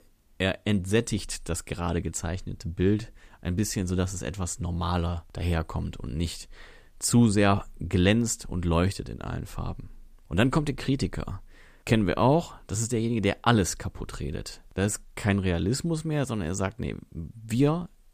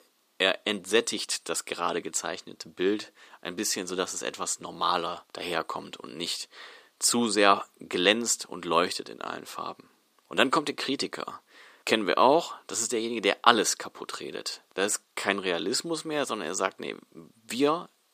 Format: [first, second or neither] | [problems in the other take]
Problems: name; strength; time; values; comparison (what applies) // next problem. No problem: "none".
first | thin; somewhat; fading below 350 Hz